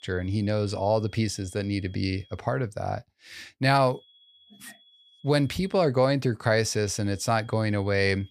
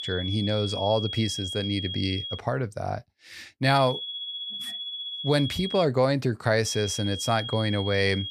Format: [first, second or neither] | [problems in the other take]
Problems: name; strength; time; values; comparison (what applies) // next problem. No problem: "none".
first | high-pitched whine; loud; until 2.5 s, from 3.5 to 6 s and from 6.5 s on; 3.5 kHz, 6 dB below the speech; faint in the first